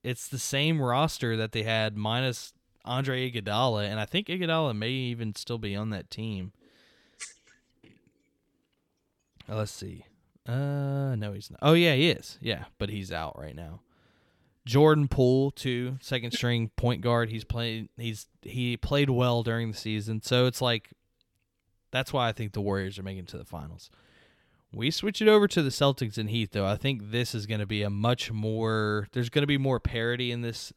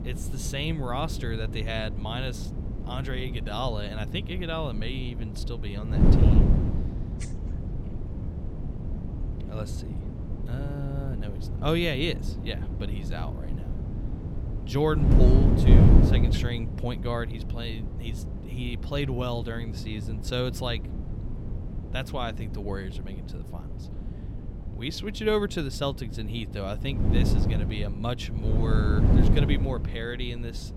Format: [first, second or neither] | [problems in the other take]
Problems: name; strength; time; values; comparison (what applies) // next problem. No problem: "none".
first | wind noise on the microphone; heavy; 5 dB below the speech